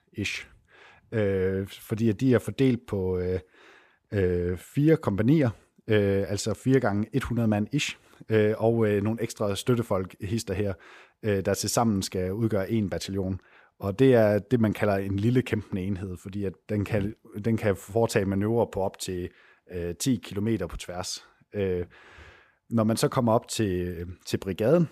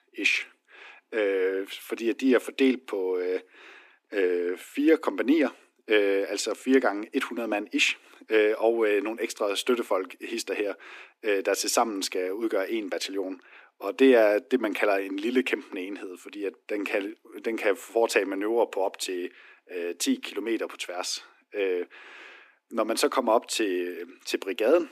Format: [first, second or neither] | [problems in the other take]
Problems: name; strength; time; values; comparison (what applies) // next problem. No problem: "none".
first | thin; very slightly; fading below 250 Hz